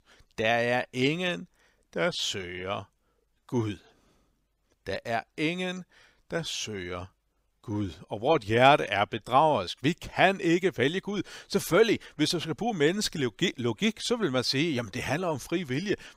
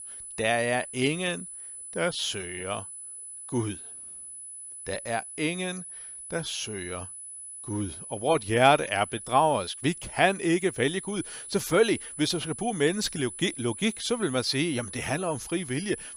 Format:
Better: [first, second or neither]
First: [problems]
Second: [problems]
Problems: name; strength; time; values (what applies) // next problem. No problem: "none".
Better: first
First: none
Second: high-pitched whine; noticeable; throughout; 10 kHz, 10 dB below the speech